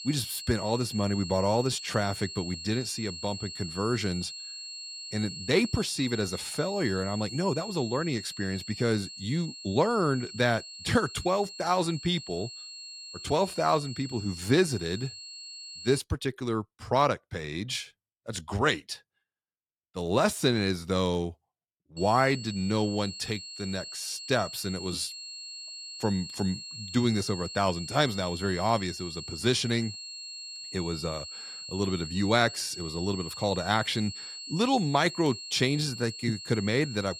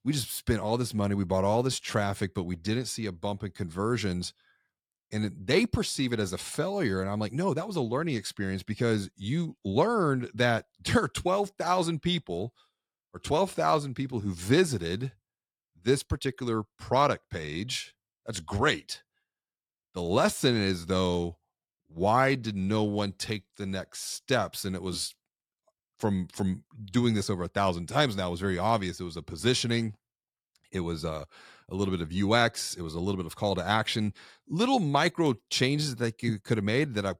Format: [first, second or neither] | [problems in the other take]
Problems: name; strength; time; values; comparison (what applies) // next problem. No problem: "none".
second | high-pitched whine; loud; until 16 s and from 22 s on; 4.5 kHz, 10 dB below the speech